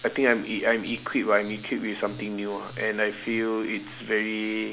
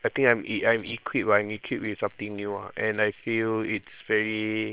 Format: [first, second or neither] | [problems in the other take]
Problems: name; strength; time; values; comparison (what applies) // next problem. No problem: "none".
first | noise reduction (neural separator model SepFormer WHAM!)